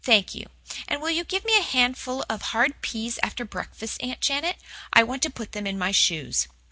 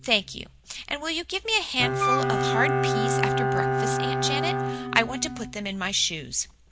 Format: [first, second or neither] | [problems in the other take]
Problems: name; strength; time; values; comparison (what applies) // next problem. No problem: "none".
first | background sound (Wind instrument, woodwind instrument + Bowed string instrument); 1 dB above the speech